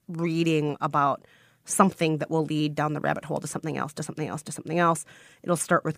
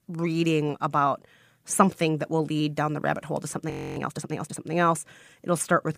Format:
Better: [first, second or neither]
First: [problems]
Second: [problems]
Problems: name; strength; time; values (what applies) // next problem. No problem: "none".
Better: first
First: none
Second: audio freezing; at 3.5 s